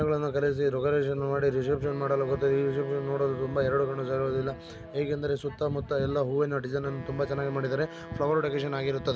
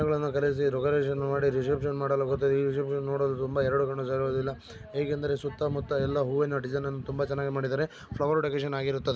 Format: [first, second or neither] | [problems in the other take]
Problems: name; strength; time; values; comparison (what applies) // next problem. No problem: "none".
second | background sound (Wind instrument, woodwind instrument); 17 dB below the speech